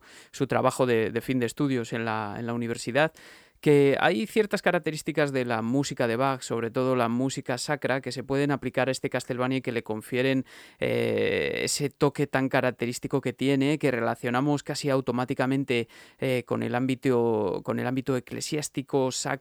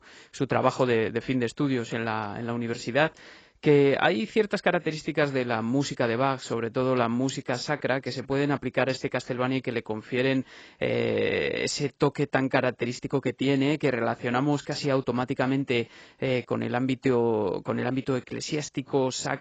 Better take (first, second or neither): first